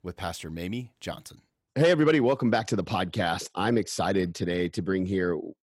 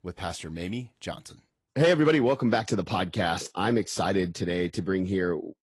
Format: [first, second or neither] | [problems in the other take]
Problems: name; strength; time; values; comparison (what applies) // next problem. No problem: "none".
first | garbled, watery; slightly; nothing above 11.5 kHz